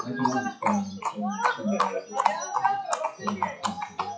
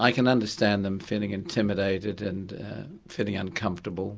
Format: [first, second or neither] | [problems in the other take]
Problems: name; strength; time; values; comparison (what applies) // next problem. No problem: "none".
second | noise reduction (classical method WPE with log-MMSE)